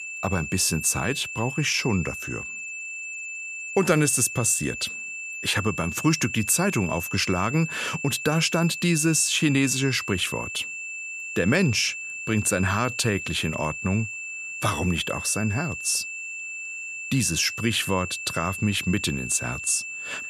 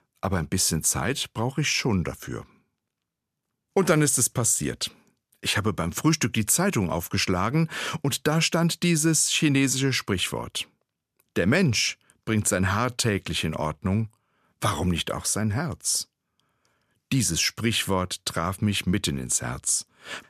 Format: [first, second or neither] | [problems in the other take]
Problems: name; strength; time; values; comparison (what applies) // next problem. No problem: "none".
second | high-pitched whine; loud; throughout; 2.5 kHz, 8 dB below the speech